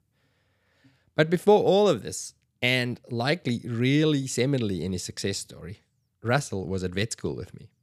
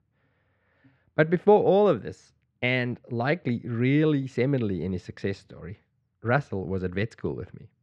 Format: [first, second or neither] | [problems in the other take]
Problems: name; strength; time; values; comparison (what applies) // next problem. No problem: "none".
first | muffled; very; fading above 2 kHz